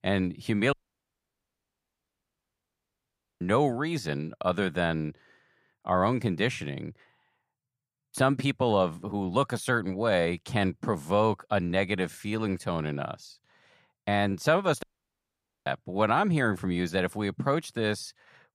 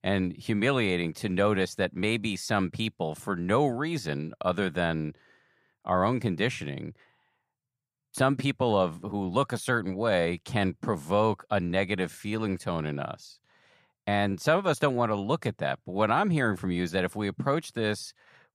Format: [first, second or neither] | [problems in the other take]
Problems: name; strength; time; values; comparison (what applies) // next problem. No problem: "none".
second | audio cutting out; at 0.5 s for 2.5 s and at 15 s for 1 s